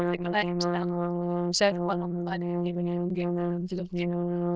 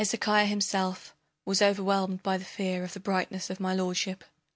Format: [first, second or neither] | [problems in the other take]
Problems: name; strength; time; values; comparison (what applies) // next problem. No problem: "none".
second | noise reduction (neural diffusion model UNIVERSE++)